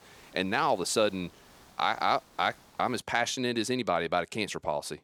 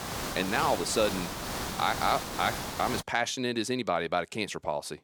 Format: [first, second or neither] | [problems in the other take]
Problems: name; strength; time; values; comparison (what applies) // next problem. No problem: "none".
first | hiss; loud; until 3 s; 5 dB below the speech; faint in the first